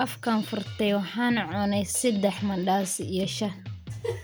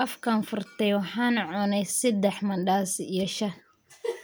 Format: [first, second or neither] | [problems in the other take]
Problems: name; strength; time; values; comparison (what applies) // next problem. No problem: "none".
second | background sound (Drum kit); 13 dB below the speech